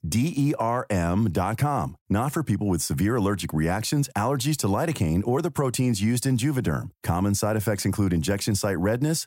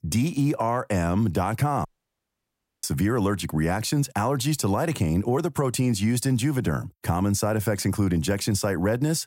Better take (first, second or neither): first